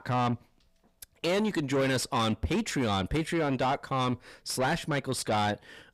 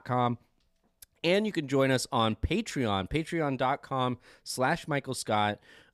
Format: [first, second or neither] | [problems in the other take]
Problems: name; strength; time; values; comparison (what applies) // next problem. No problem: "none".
second | distortion; heavy; 7 dB below the speech